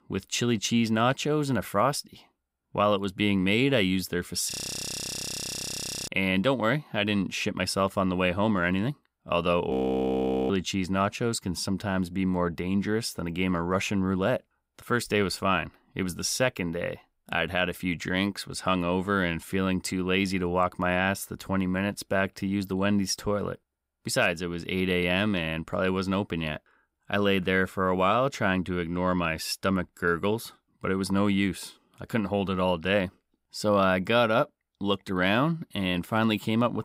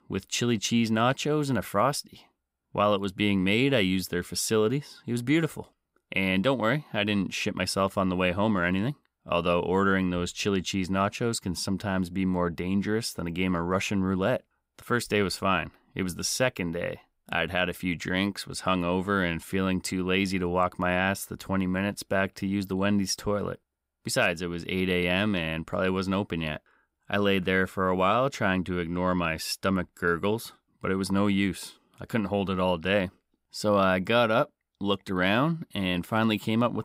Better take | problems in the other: second | audio freezing; at 4.5 s for 1.5 s and at 9.5 s for 1 s

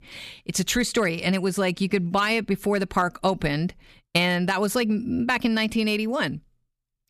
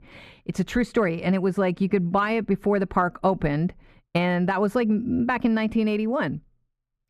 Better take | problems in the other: first | muffled; very; fading above 2.5 kHz

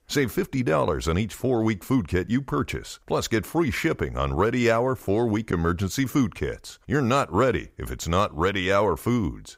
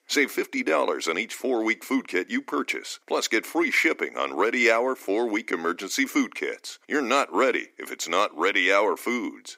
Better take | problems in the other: first | thin; very slightly; fading below 250 Hz

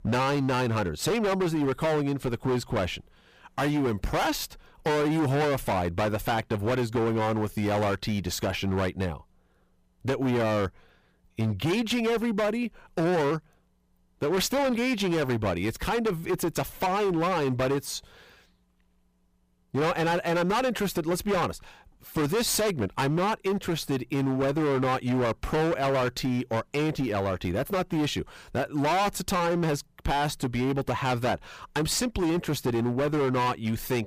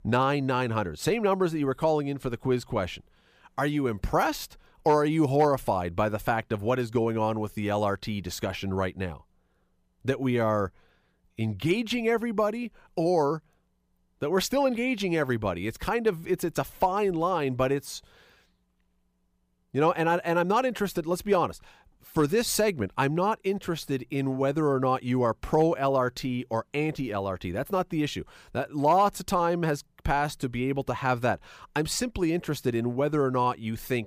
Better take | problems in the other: second | distortion; heavy; 21% of the sound clipped

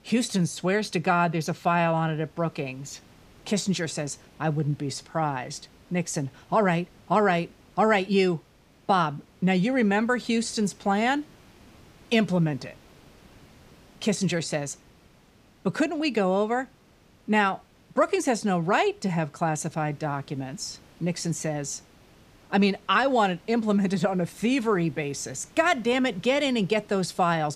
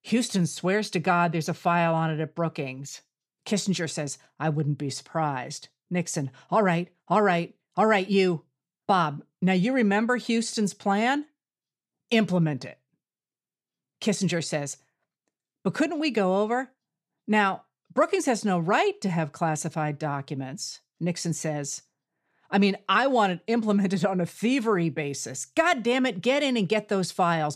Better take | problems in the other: second | hiss; faint; throughout; 30 dB below the speech

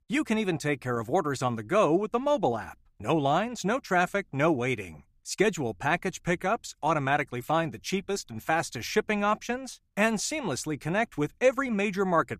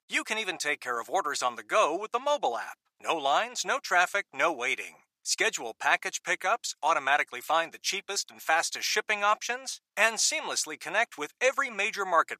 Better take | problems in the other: first | thin; very; fading below 750 Hz

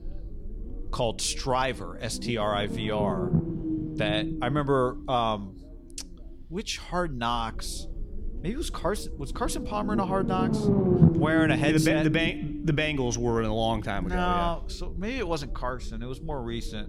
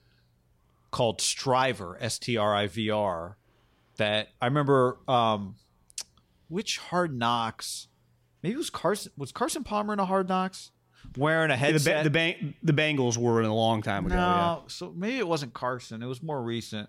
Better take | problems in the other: second | low rumble; loud; throughout; 5 dB below the speech

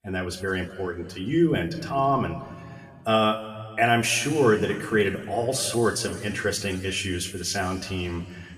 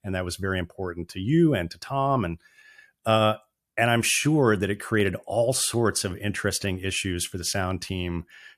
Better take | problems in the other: second | room echo; slight; dies away in 1.7 s // off-mic speech; somewhat distant

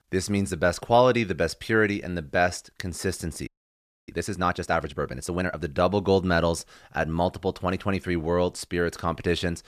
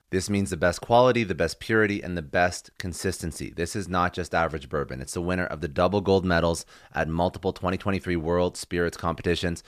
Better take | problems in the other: second | audio freezing; at 3.5 s for 0.5 s

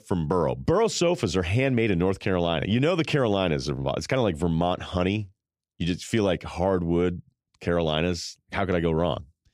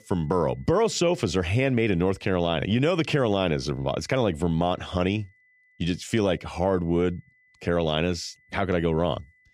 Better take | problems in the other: first | high-pitched whine; faint; throughout; 2 kHz, 35 dB below the speech

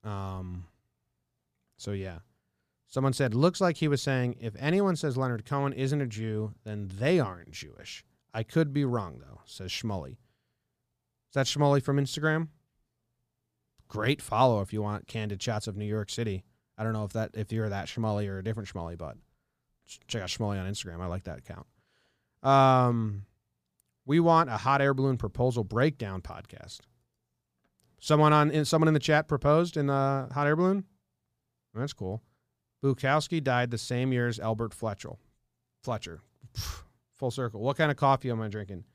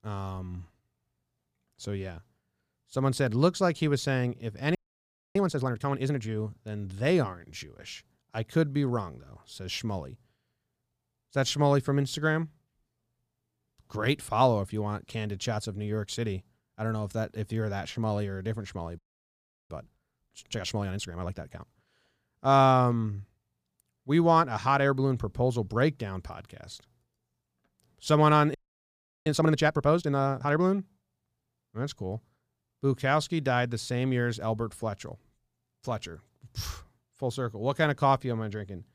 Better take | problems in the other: first | audio freezing; at 5 s for 0.5 s, at 19 s for 0.5 s and at 29 s for 0.5 s

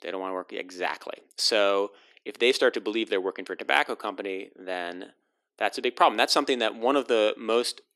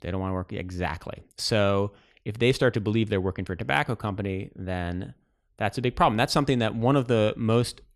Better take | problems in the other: second | thin; somewhat; fading below 300 Hz

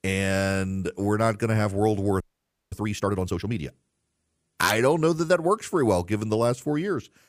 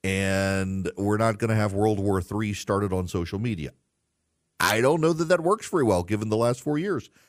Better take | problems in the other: second | audio freezing; at 2 s for 0.5 s

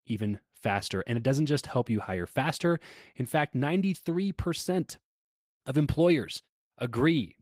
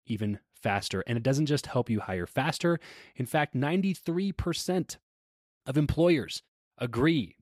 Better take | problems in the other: second | garbled, watery; slightly; nothing above 15.5 kHz

